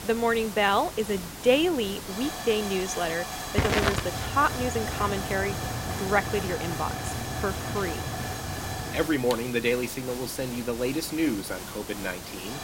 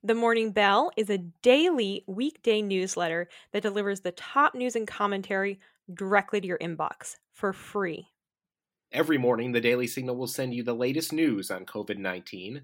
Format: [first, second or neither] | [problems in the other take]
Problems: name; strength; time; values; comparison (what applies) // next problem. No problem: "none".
second | hiss; loud; throughout; 5 dB below the speech